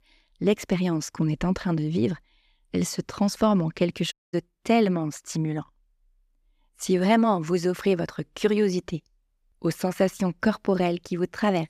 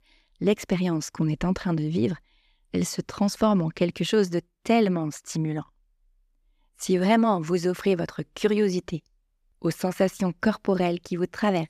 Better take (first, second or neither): second